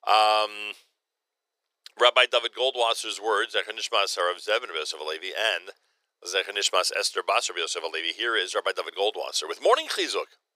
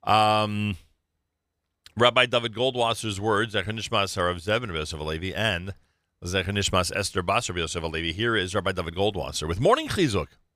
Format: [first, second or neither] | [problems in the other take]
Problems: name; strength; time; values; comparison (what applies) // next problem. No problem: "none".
second | thin; very; fading below 400 Hz